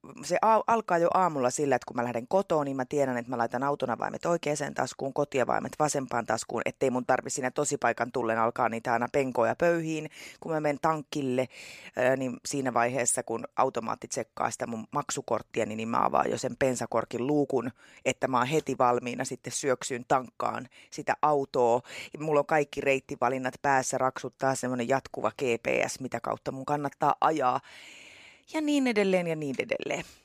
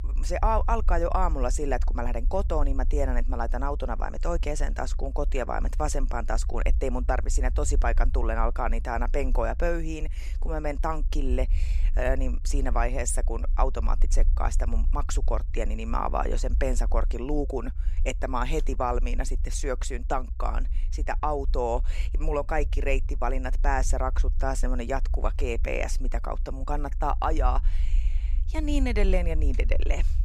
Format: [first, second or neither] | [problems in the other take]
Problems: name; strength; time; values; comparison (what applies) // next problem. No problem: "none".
first | low rumble; faint; throughout; 25 dB below the speech